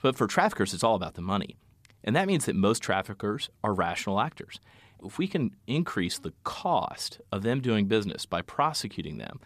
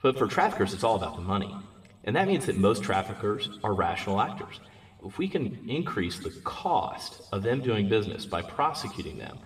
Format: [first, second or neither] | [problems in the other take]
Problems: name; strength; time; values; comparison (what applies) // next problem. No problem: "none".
first | room echo; slight; dies away in 1.8 s